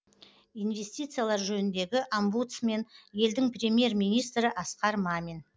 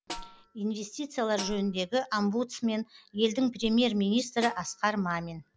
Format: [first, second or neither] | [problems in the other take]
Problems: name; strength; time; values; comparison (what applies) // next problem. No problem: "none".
first | background sound (Whoosh, swoosh, swish + Snare drum); 16 dB below the speech